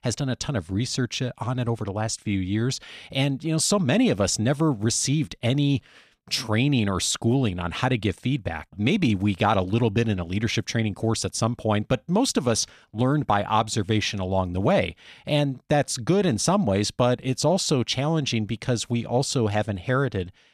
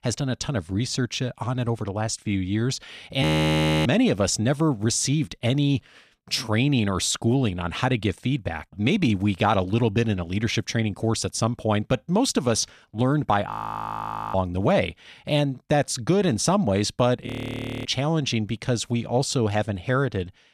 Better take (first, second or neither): first